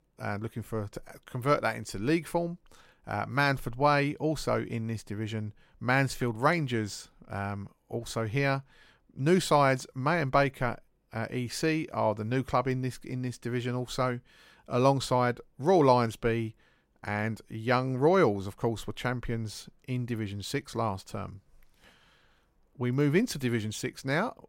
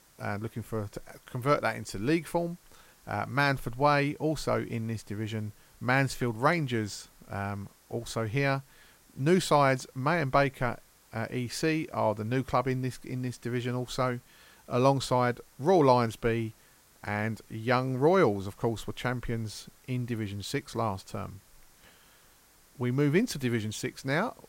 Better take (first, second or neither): first